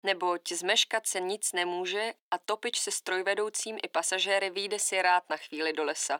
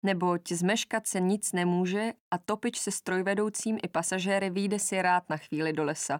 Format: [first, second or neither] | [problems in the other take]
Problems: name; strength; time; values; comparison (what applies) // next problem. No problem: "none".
second | thin; very; fading below 350 Hz